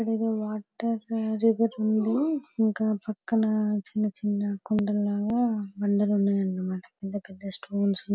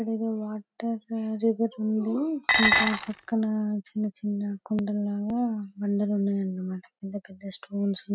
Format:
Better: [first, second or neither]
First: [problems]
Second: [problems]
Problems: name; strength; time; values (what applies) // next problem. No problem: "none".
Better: first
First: none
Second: noise reduction (neural mask model RNNoise)